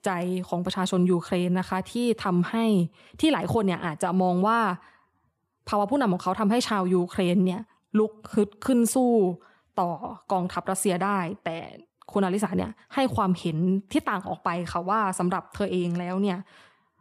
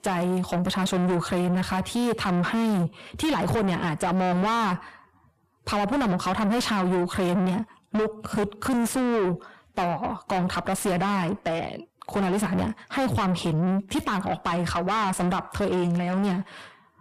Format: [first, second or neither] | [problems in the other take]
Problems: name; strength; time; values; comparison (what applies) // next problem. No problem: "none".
first | distortion; heavy; 5 dB below the speech